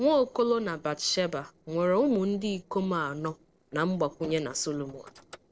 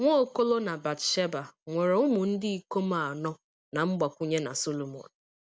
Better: second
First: noise reduction (neural separator model SepFormer DNS4)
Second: none

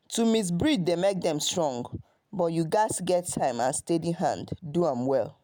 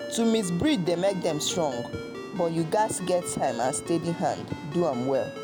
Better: first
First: none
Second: background sound (Ringtone + Boat, Water vehicle); 10 dB below the speech

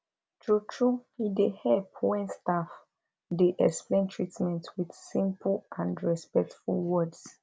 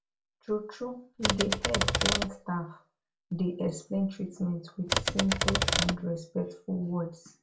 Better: first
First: none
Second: background sound (Typewriter); 4 dB above the speech // room echo; dies away in 0.2 s

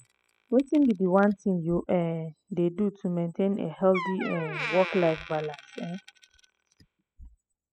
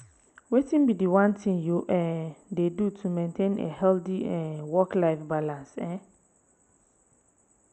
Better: second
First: noise reduction (classical method spectral subtraction)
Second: none

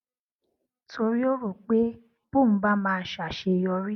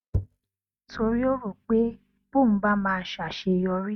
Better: first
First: none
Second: noise reduction (neural mask model RNNoise)

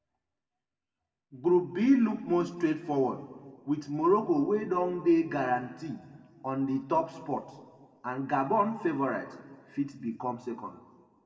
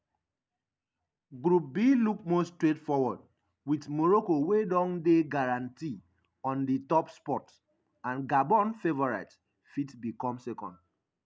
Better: second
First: room echo; dies away in 1.3 s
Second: none

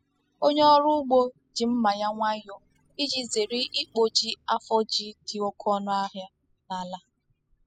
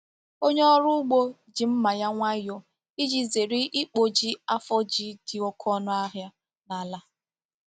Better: second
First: noise reduction (classical method spectral subtraction)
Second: none

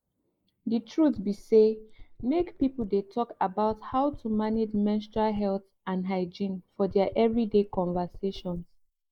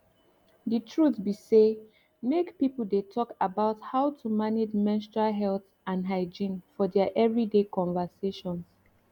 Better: second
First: noise reduction (neural mask model Resemble Enhance denoiser)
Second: none

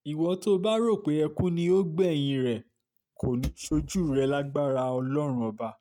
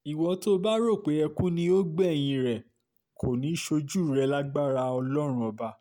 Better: second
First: noise reduction (neural mask model RNNoise)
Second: none

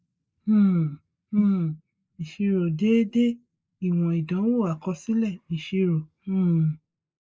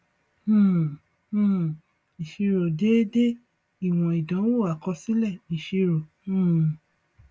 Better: second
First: noise reduction (neural mask model Resemble Enhance denoiser)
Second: none

